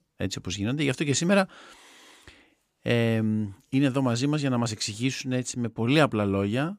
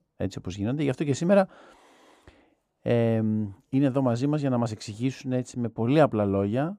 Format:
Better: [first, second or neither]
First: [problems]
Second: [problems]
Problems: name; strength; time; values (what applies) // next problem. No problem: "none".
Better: first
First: none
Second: muffled; slightly; fading above 1.5 kHz